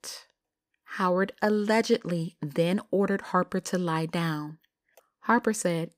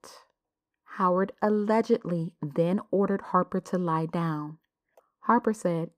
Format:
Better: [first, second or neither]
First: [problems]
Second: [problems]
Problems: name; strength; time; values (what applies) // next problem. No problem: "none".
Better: first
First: none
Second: muffled; slightly; fading above 1.5 kHz